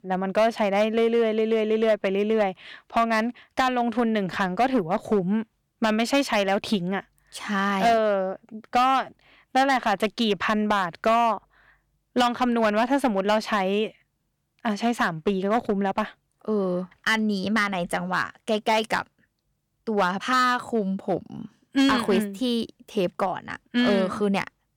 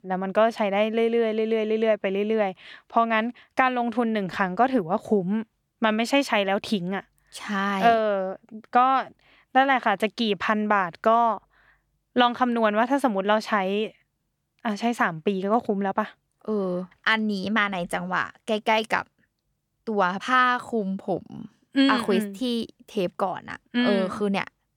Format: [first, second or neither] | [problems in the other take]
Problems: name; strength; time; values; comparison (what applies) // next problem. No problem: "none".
second | distortion; slight; 4% of the sound clipped